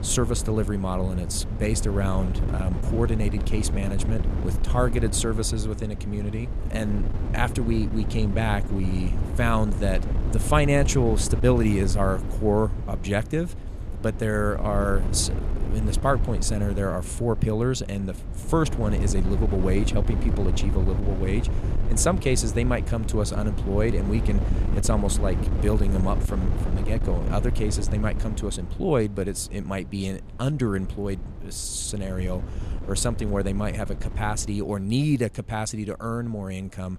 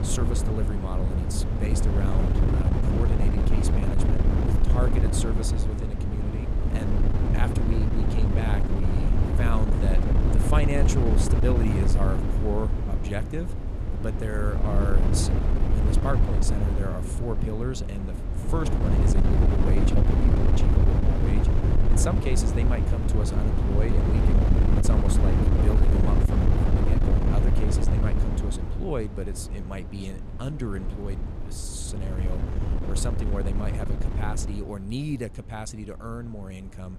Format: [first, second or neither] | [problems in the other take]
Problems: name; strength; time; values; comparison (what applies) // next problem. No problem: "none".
first | wind noise on the microphone; heavy; 1 dB above the speech; occasional gusts in the first